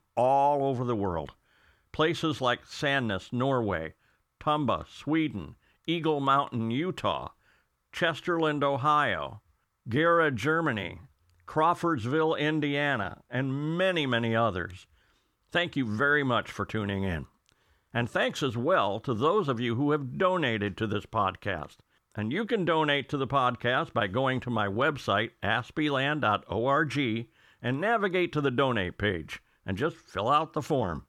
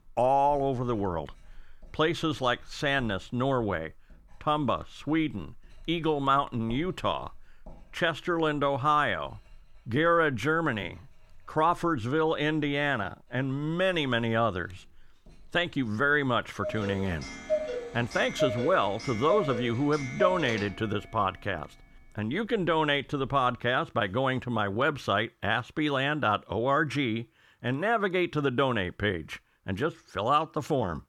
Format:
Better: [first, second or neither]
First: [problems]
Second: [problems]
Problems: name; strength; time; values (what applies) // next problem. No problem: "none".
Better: first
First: none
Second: household noises; loud; until 24 s; 7 dB below the speech